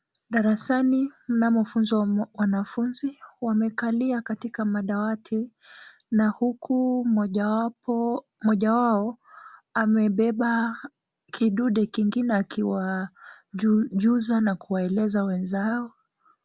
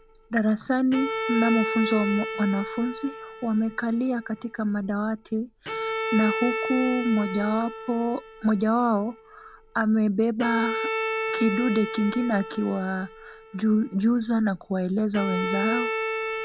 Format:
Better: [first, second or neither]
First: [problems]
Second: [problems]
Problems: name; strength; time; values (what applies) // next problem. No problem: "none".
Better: first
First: none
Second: background sound (Bowed string instrument); 7 dB below the speech